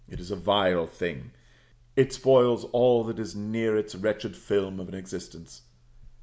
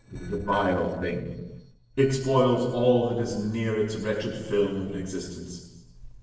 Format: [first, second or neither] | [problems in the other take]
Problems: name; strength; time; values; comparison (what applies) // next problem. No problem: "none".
first | noise reduction (neural separator model SepFormer DNS4)